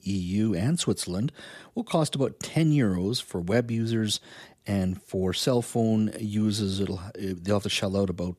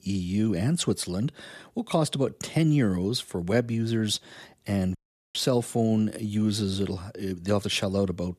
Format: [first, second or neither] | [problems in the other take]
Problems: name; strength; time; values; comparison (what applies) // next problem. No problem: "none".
first | audio cutting out; at 5 s